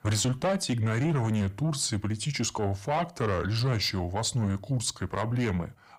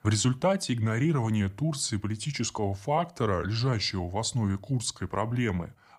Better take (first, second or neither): second